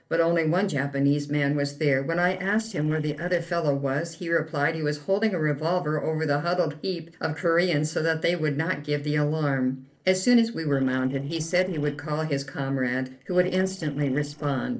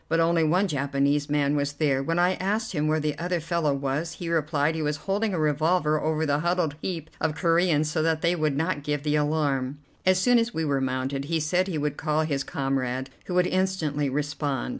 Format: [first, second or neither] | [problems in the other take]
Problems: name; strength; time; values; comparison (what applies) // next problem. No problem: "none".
second | noise reduction (neural separator model SepFormer DNS4)